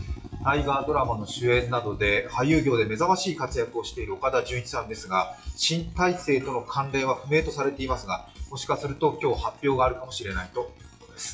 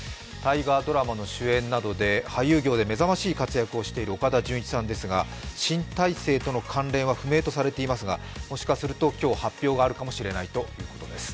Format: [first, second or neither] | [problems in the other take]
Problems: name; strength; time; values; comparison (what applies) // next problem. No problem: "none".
second | noise reduction (classical method WPE with log-MMSE)